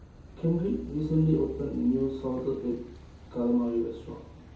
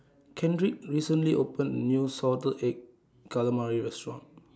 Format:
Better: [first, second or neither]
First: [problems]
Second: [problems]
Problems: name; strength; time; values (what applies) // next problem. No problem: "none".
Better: second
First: background sound (Car passing by / Idling / Accelerating, revving, vroom); 16 dB below the speech // room echo; dies away in 0.6 s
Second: none